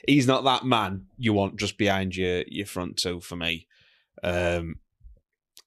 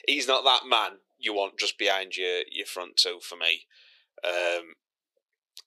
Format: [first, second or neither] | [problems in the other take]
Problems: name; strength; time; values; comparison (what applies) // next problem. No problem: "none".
first | thin; very; fading below 400 Hz